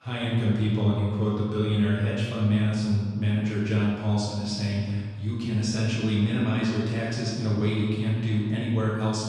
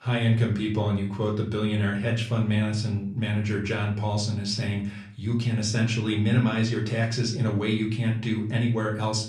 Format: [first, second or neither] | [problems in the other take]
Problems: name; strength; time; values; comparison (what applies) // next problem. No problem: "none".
second | room echo; strong; dies away in 1.6 s; slight in the second // off-mic speech; far; far in the second